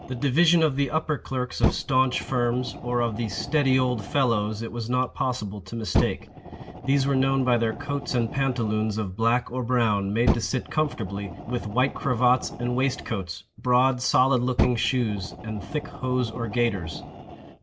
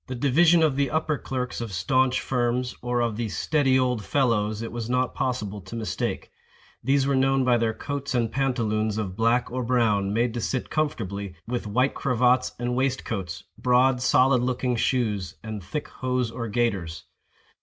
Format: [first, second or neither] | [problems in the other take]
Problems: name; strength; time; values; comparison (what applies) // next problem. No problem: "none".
second | background sound (Fire); 9 dB below the speech